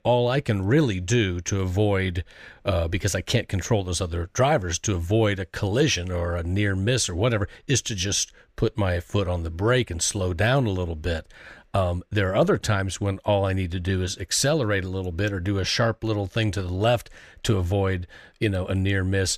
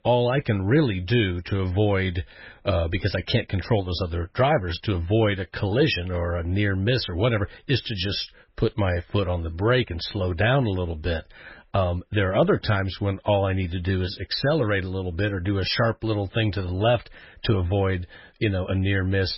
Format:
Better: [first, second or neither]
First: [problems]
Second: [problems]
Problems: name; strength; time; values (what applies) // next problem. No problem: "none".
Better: first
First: none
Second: garbled, watery; badly; nothing above 5.5 kHz